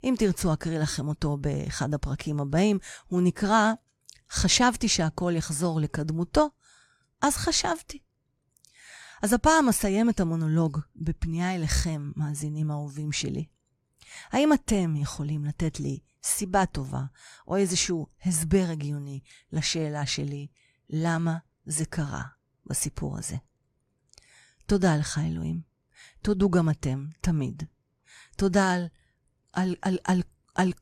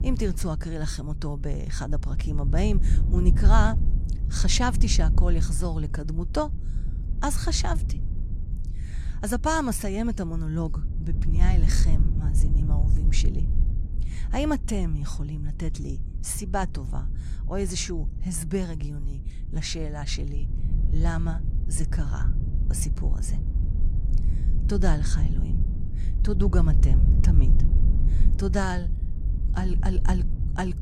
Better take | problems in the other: first | low rumble; noticeable; throughout; 10 dB below the speech

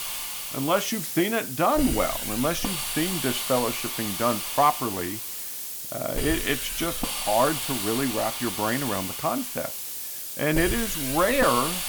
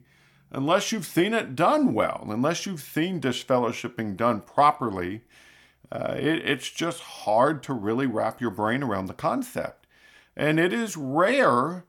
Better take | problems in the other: second | hiss; loud; throughout; 3 dB below the speech

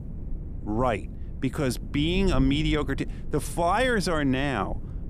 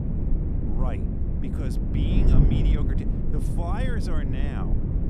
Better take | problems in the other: first | wind noise on the microphone; heavy; 2 dB above the speech; occasional gusts in the first

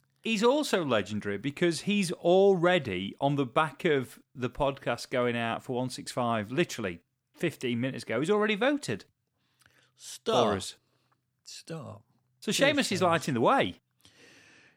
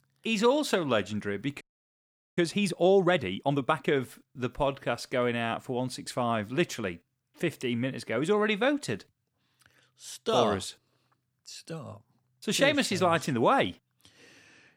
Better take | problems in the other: first | audio freezing; at 1.5 s for 1 s

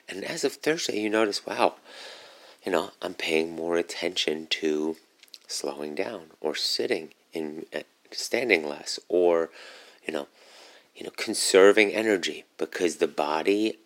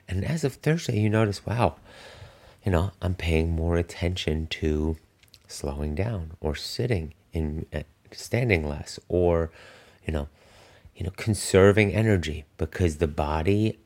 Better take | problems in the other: second | thin; somewhat; fading below 300 Hz

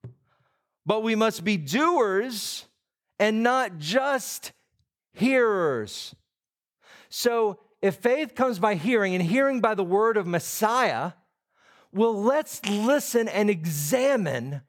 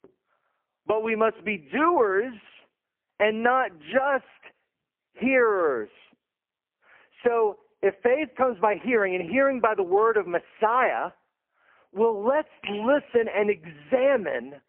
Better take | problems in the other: first | phone-call audio; poor line; nothing above 3 kHz

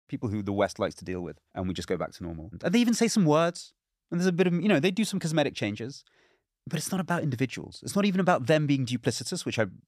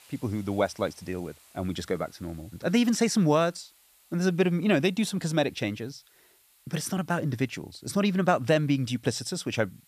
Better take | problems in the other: first | hiss; faint; throughout; 30 dB below the speech

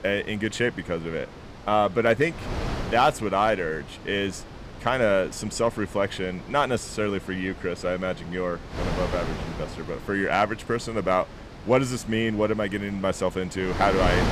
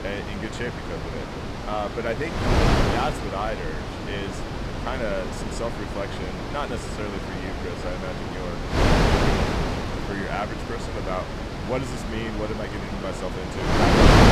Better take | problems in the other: first | wind noise on the microphone; heavy; 4 dB above the speech; occasional gusts in the first

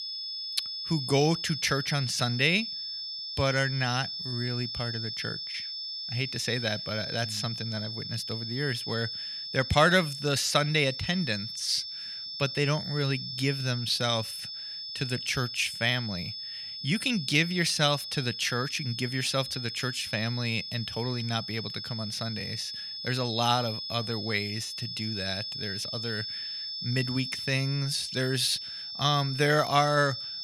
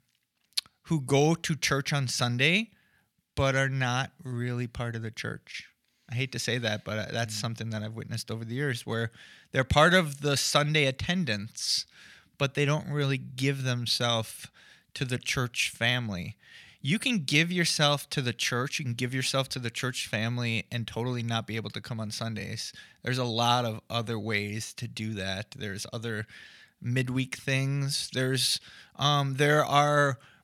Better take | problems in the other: second | high-pitched whine; loud; throughout; 5.5 kHz, 5 dB below the speech

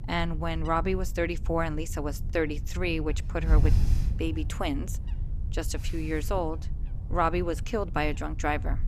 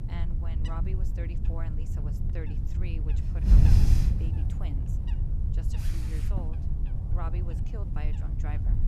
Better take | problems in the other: first | wind noise on the microphone; heavy; 3 dB above the speech; occasional gusts in the first

